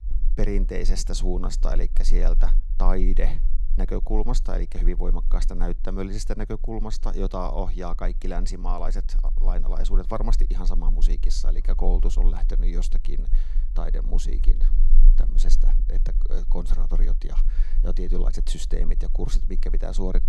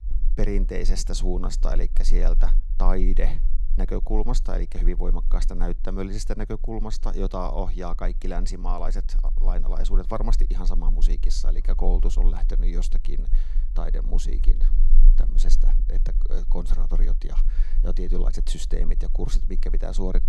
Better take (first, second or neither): neither